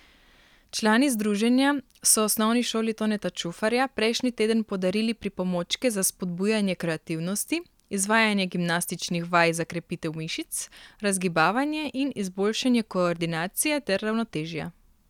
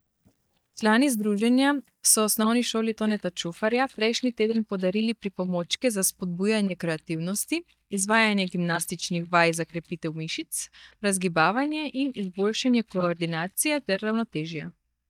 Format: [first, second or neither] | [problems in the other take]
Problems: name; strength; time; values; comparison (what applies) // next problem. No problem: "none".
first | noise reduction (neural mask model DeepFilterNet 3)